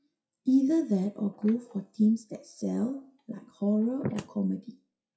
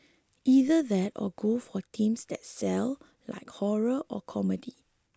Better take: second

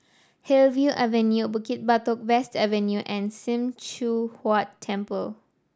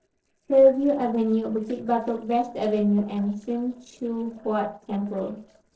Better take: first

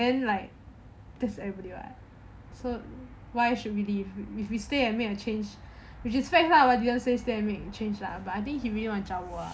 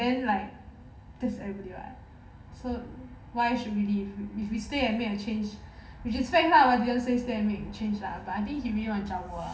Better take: first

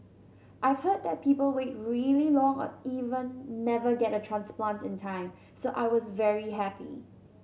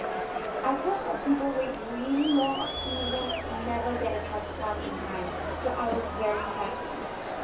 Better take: first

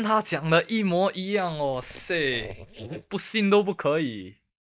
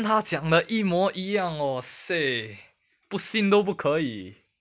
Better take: second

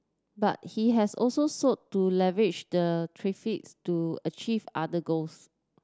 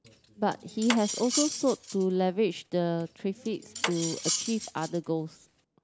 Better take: first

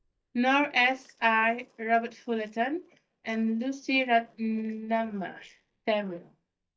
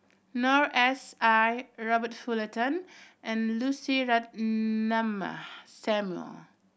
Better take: second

